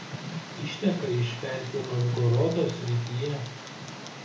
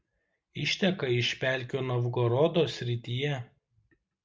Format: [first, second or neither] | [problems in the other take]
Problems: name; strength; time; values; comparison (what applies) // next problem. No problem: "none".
second | background sound (Tick); 11 dB below the speech // room echo; dies away in 0.7 s